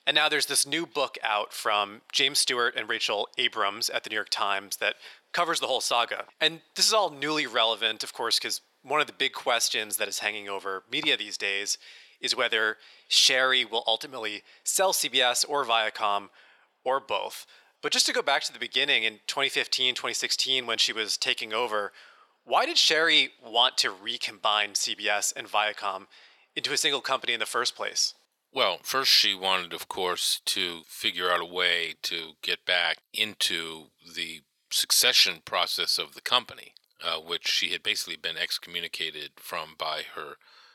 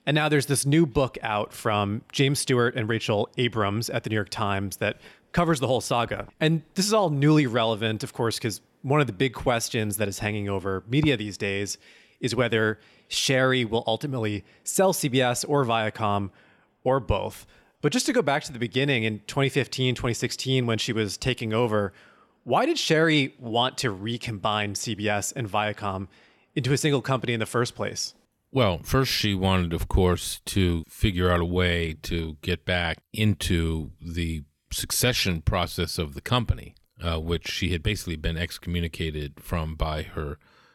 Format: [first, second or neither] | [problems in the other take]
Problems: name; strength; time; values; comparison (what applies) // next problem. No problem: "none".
second | thin; very; fading below 700 Hz